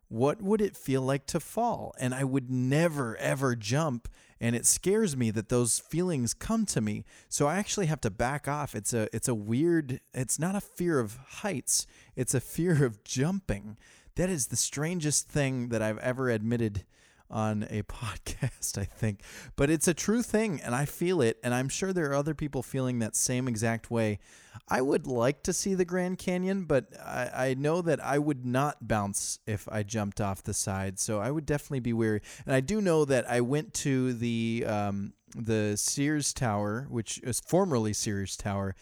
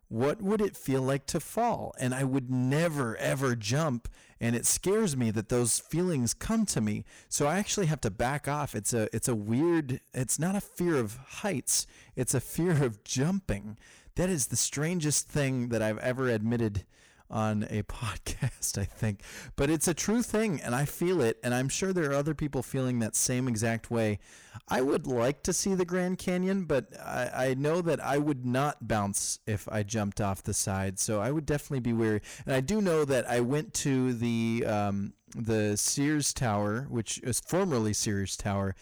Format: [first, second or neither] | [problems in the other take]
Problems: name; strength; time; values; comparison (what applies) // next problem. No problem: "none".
first | distortion; slight; 8% of the sound clipped